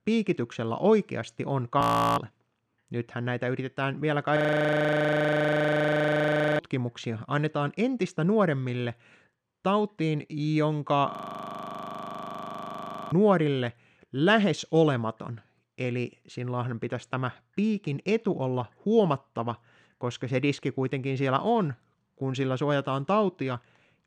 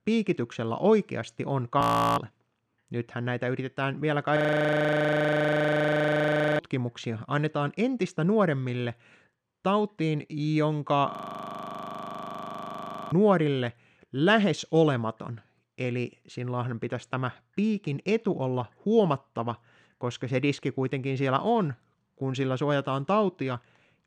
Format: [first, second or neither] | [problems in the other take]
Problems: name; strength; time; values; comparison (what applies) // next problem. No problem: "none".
neither | audio freezing; at 2 s, at 4.5 s for 2 s and at 11 s for 2 s; the same in both